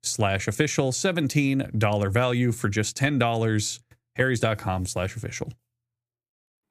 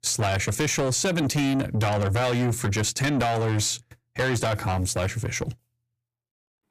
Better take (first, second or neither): first